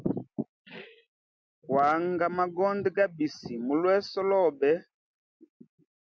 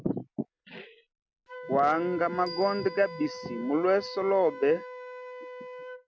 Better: first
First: none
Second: background sound (Bell + Wind instrument, woodwind instrument); 13 dB below the speech

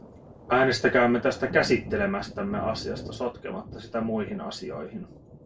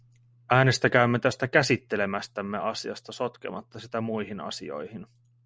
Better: second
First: background sound (Thunder); 14 dB below the speech // room echo; dies away in 0.2 s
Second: none

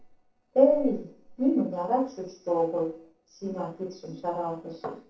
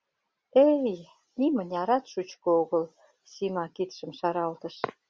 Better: second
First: noise reduction (neural separator model SepFormer DNS4)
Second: none

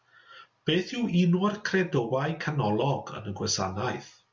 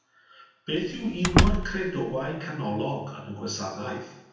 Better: first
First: none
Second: background sound (Slam); 5 dB above the speech // room echo; dies away in 0.9 s

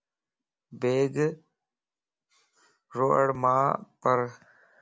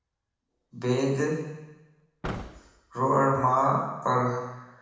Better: first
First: none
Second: background sound (Slam / Car); 17 dB below the speech // room echo; dies away in 1.1 s

